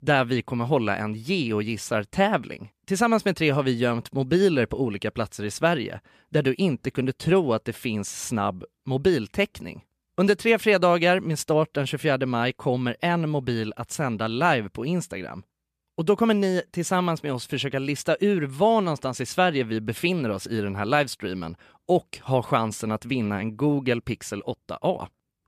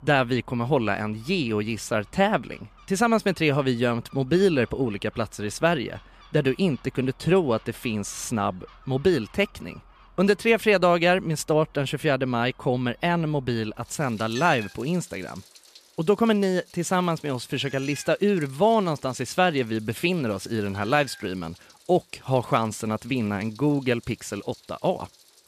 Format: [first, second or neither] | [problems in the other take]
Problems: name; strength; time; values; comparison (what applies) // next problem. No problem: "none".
first | animal sounds; faint; throughout; 25 dB below the speech